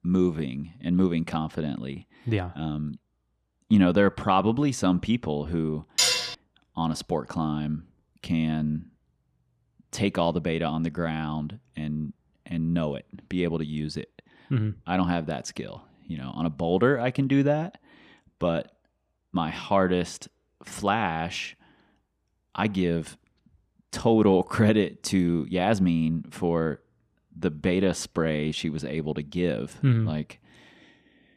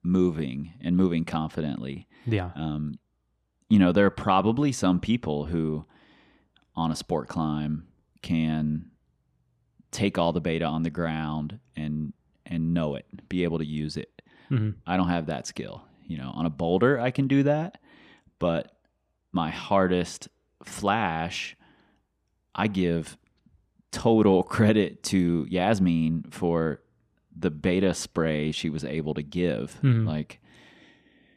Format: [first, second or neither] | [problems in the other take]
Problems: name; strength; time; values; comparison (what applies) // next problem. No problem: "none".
second | clattering dishes; loud; at 6 s; peak 5 dB above the speech